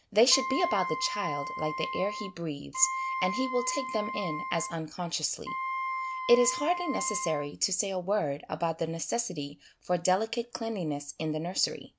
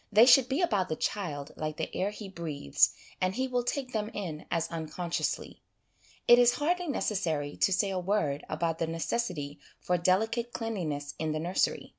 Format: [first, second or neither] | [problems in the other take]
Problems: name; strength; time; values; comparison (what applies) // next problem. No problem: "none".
second | background sound (Wind instrument, woodwind instrument); 5 dB below the speech